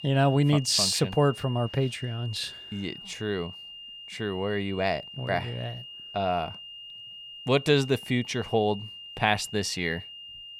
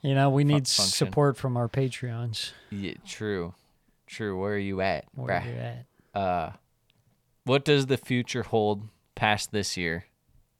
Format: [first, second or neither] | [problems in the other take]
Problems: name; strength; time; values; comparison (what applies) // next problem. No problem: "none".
second | high-pitched whine; noticeable; throughout; 3 kHz, 15 dB below the speech